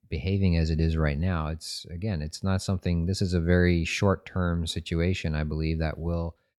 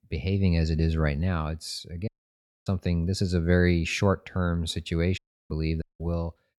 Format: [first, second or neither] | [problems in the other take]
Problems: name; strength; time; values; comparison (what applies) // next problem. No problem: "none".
first | audio cutting out; at 2 s for 0.5 s, at 5 s and at 6 s